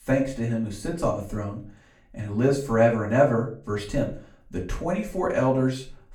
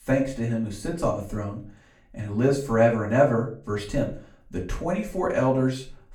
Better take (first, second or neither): neither